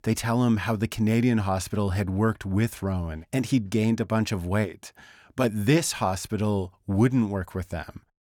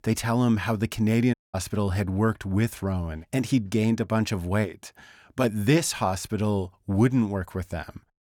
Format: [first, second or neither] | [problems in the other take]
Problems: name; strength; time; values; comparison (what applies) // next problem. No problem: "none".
first | audio cutting out; at 1.5 s